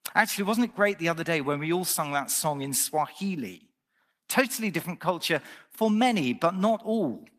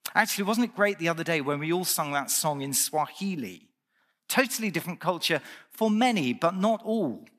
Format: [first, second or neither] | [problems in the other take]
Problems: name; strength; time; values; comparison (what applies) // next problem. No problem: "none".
second | garbled, watery; slightly; nothing above 14.5 kHz